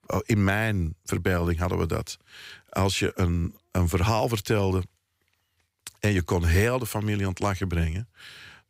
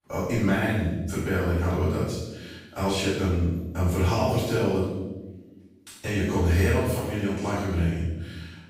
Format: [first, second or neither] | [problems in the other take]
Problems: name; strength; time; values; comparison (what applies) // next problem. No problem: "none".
first | off-mic speech; far // room echo; strong; dies away in 1.1 s